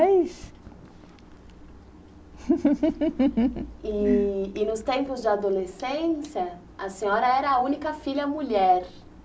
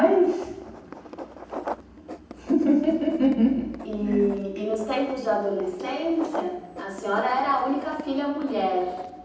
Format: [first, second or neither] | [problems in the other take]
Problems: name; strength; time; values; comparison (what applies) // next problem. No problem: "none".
first | background sound (Writing); 14 dB below the speech // room echo; dies away in 0.9 s